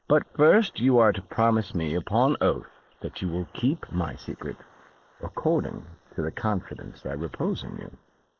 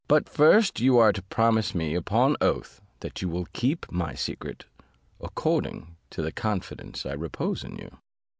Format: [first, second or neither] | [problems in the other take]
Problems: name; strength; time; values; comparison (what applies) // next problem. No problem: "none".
second | noise reduction (neural mask model Resemble Enhance denoiser)